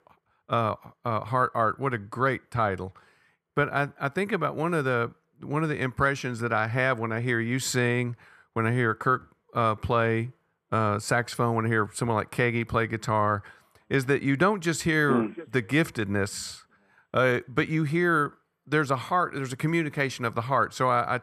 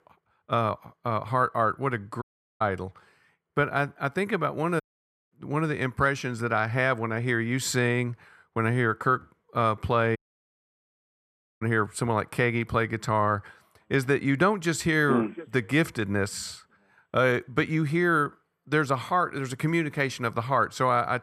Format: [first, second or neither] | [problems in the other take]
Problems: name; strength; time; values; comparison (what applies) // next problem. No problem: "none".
first | audio cutting out; at 2 s, at 5 s for 0.5 s and at 10 s for 1.5 s